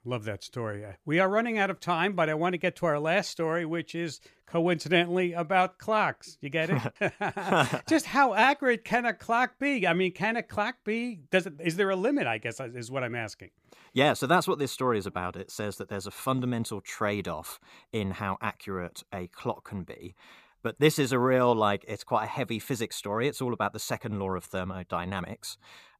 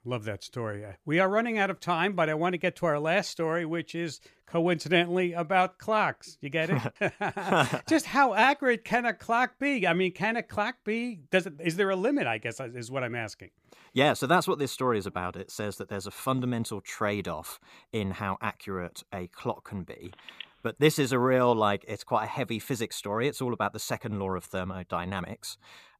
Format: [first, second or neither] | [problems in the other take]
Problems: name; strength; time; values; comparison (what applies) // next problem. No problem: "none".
first | phone ringing; faint; at 20 s; peak 15 dB below the speech